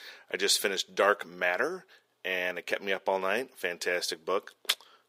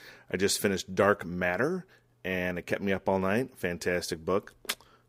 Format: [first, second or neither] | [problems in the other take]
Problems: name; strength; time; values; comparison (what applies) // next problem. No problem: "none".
second | thin; somewhat; fading below 450 Hz